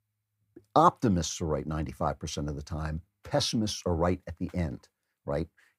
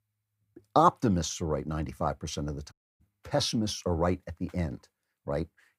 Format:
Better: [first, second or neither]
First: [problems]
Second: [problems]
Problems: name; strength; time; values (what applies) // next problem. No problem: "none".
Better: first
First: none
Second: audio cutting out; at 2.5 s